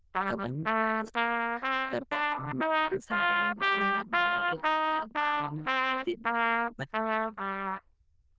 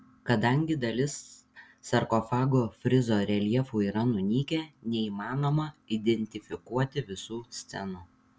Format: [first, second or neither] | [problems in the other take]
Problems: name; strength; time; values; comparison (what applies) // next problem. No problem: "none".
second | noise reduction (neural diffusion model UNIVERSE++)